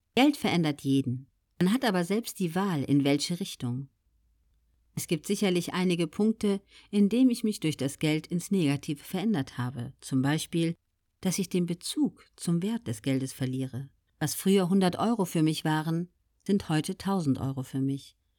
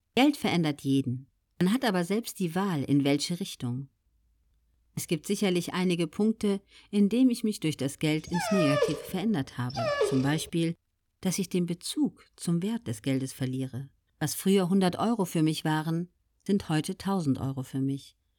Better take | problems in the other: first | dog barking; loud; from 8.5 to 10 s; peak 2 dB above the speech

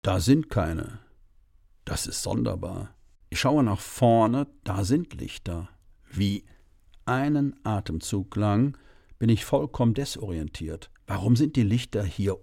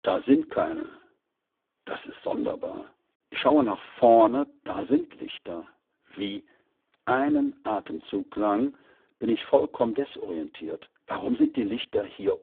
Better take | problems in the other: first | phone-call audio; poor line

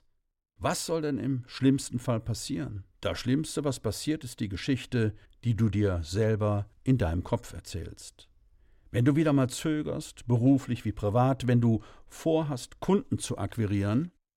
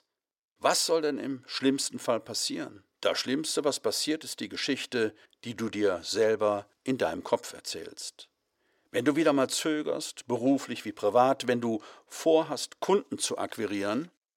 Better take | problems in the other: first | thin; somewhat; fading below 450 Hz

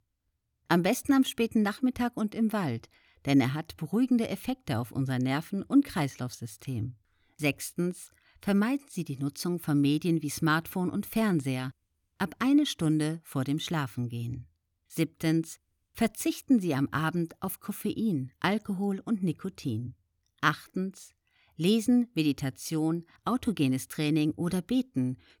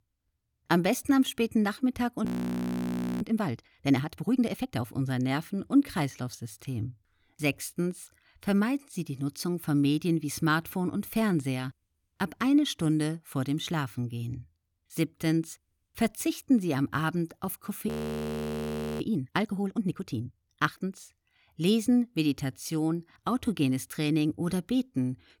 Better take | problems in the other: first | audio freezing; at 2.5 s for 1 s and at 18 s for 1 s

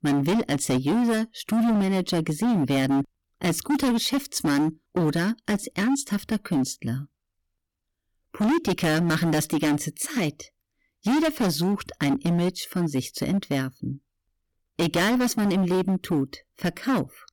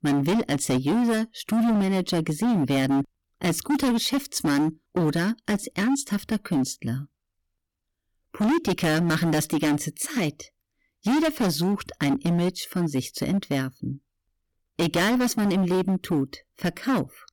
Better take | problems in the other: neither | distortion; heavy; 18% of the sound clipped; the same in both

